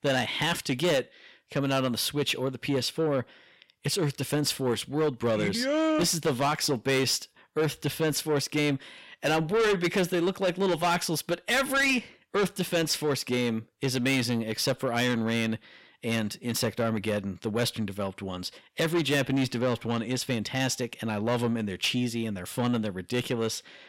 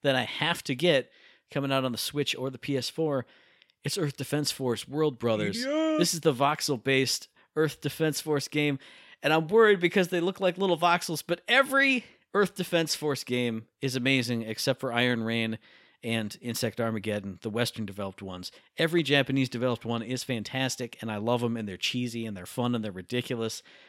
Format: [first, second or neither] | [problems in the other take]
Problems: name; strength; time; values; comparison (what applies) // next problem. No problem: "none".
second | distortion; heavy; 8 dB below the speech